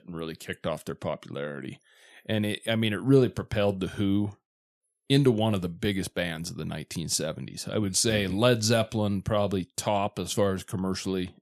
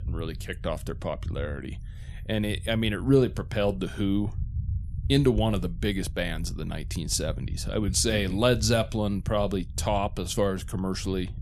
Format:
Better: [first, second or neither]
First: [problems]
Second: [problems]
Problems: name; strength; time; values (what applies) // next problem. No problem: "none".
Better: first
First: none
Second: low rumble; faint; throughout; 25 dB below the speech